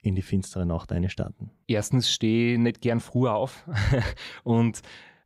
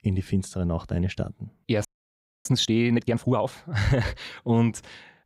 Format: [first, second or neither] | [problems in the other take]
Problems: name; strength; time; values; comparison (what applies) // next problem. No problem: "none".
first | audio freezing; at 2 s for 0.5 s